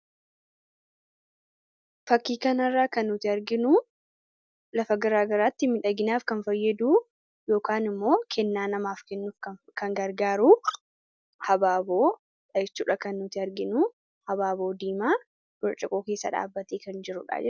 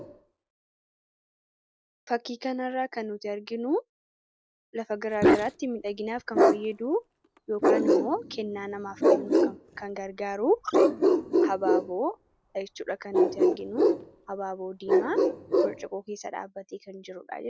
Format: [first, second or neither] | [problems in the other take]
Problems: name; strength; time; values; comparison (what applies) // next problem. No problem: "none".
first | background sound (Bark); 5 dB above the speech